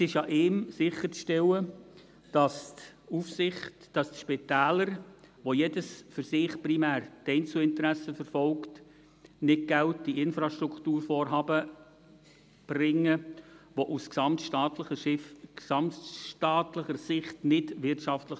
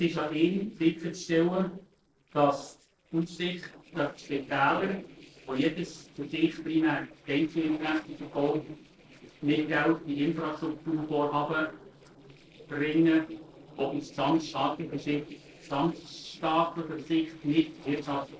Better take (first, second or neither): first